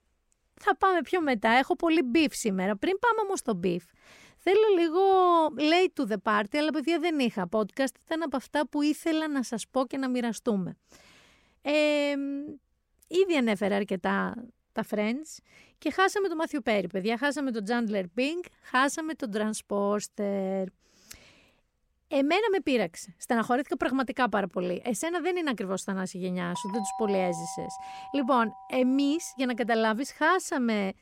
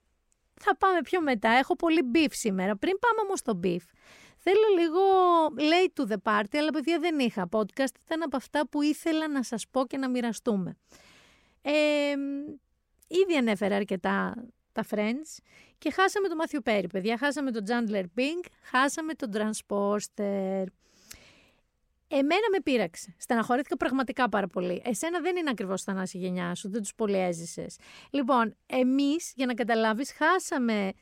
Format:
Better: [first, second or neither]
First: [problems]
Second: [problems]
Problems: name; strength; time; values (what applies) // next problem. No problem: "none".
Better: second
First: doorbell; noticeable; from 27 to 29 s; peak 8 dB below the speech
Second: none